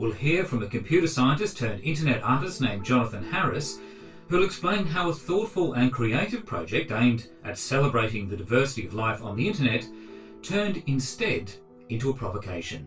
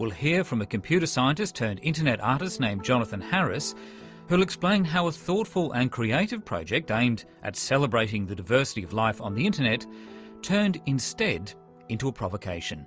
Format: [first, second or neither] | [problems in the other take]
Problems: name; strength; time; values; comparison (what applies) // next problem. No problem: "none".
second | room echo; dies away in 0.1 s